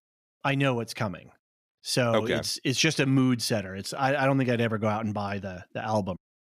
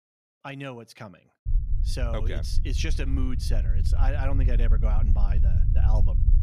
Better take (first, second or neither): first